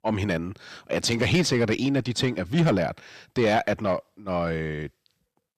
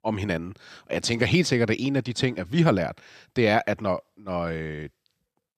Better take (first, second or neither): second